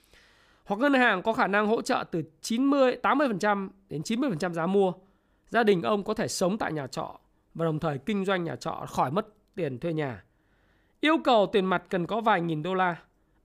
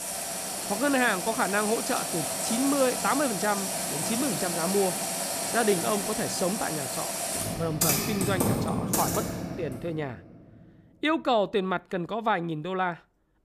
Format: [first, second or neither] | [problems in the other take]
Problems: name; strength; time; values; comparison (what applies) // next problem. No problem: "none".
first | household noises; very loud; until 9.5 s; as loud as the speech